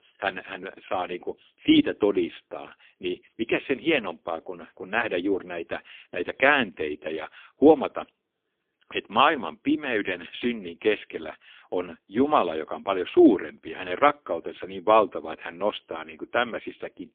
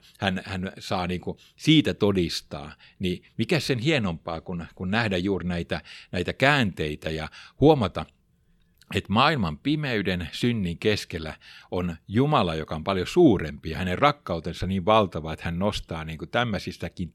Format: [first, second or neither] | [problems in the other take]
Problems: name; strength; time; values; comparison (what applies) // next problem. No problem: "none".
second | phone-call audio; poor line; nothing above 3.5 kHz